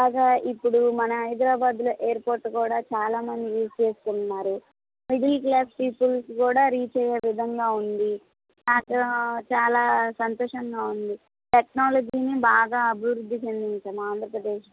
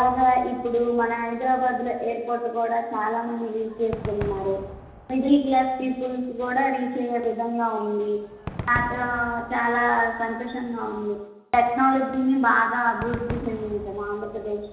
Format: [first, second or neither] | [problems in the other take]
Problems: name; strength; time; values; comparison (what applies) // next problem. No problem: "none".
first | background sound (Crowd / Cheering / Fireworks); 16 dB below the speech // room echo; dies away in 1 s